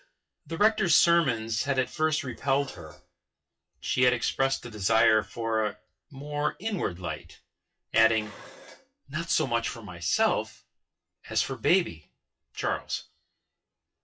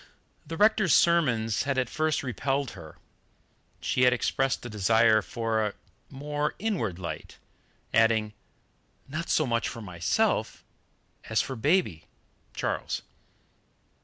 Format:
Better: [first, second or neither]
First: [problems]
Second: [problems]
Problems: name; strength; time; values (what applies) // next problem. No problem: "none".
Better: second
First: noise reduction (classical method WPE with log-MMSE)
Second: none